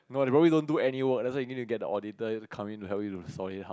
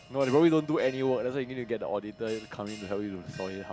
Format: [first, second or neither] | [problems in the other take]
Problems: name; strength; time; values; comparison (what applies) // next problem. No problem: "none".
first | background sound (Bell); 19 dB below the speech